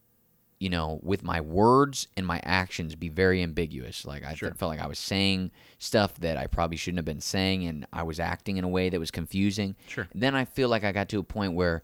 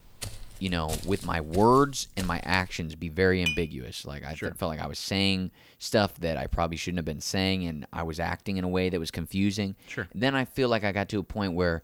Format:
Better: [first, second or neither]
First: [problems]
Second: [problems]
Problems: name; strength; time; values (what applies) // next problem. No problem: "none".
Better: first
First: none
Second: footsteps; noticeable; until 3 s; peak 9 dB below the speech // clattering dishes; noticeable; at 3.5 s; peak 2 dB below the speech